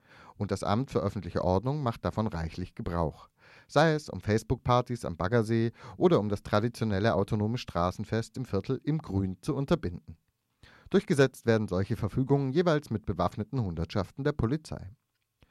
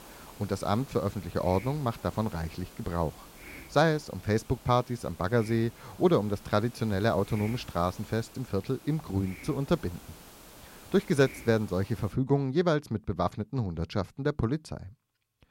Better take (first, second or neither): first